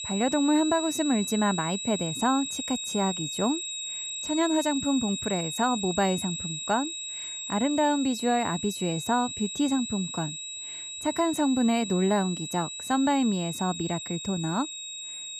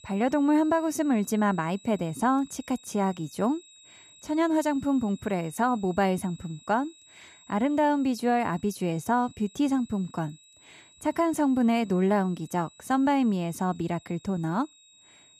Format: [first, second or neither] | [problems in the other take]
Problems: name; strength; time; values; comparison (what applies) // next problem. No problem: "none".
second | high-pitched whine; loud; throughout; 4 kHz, 5 dB below the speech; faint in the second